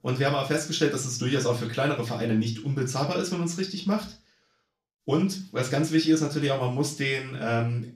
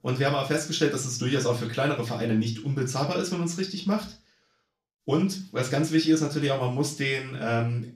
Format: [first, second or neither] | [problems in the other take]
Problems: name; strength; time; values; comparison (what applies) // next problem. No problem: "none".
neither | room echo; slight; dies away in 0.3 s; the same in both // off-mic speech; far; the same in both